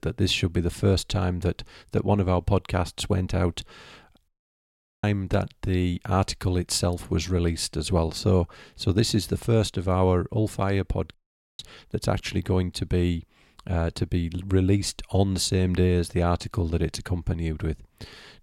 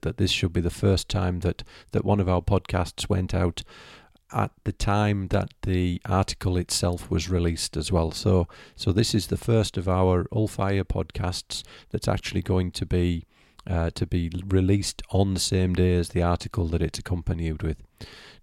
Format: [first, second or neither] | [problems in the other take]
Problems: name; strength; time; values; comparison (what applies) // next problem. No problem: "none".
second | audio cutting out; at 4.5 s for 1 s and at 11 s